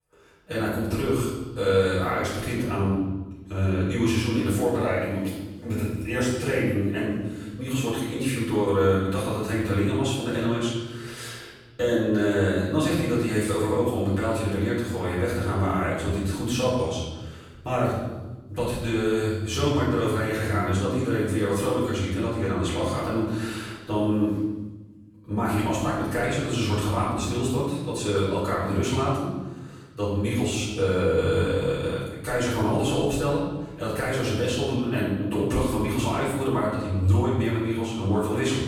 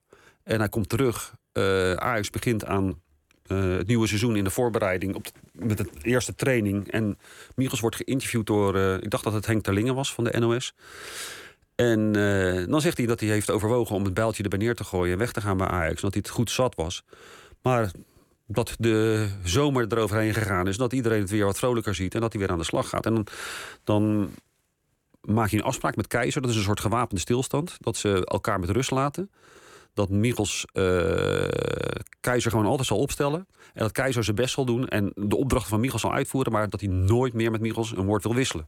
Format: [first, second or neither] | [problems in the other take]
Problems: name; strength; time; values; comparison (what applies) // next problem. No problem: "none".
second | off-mic speech; far // room echo; strong; dies away in 1.2 s